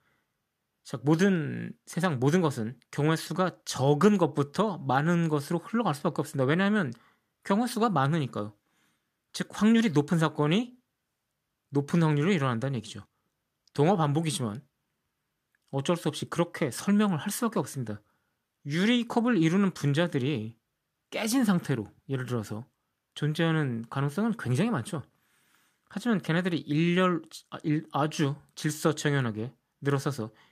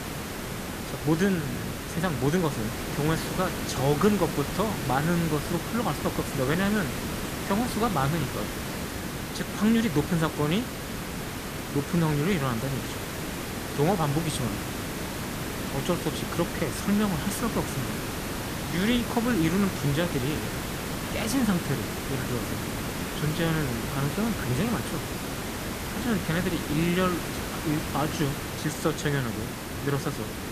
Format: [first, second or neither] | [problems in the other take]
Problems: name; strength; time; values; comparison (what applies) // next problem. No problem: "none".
first | hiss; loud; throughout; 4 dB below the speech